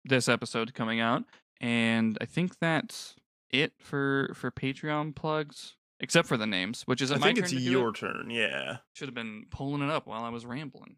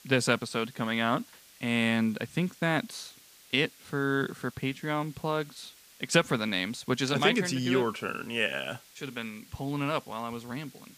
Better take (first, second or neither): first